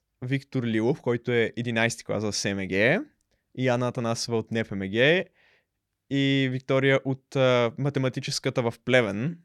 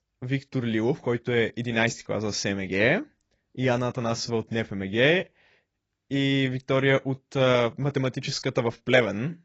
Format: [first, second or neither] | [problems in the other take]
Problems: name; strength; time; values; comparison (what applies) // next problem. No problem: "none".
first | garbled, watery; badly; nothing above 7.5 kHz